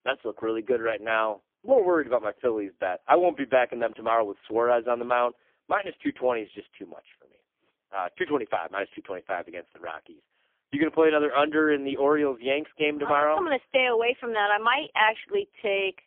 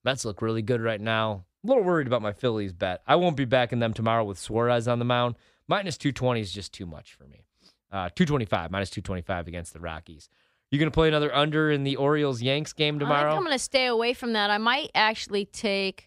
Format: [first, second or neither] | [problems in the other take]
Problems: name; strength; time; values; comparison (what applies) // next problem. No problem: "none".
second | phone-call audio; poor line; nothing above 3.5 kHz